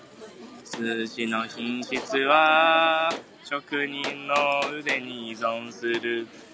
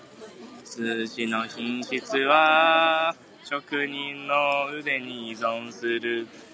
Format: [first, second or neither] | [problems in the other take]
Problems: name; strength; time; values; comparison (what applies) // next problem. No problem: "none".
second | background sound (Gunshot, gunfire); 15 dB below the speech